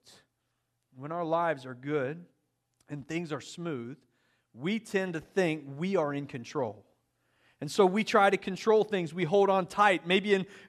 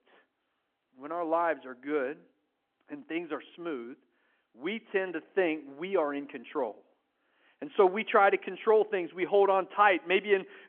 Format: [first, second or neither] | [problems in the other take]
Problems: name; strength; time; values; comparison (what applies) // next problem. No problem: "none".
first | phone-call audio